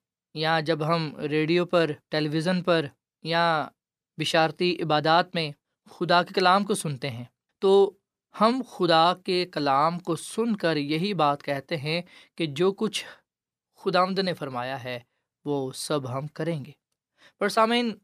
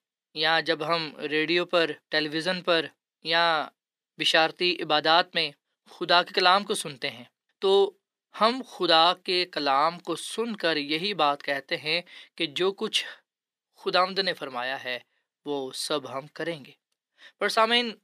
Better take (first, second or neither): first